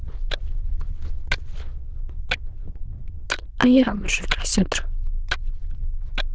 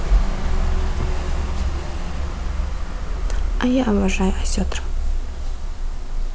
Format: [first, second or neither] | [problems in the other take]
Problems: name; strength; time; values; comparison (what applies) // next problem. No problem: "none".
second | noise reduction (neural diffusion model UNIVERSE++)